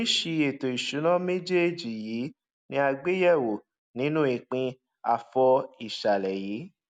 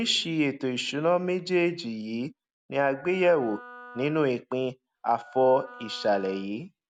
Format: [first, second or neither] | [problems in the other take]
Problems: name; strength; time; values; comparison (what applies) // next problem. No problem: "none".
first | background sound (Wind instrument, woodwind instrument); 20 dB below the speech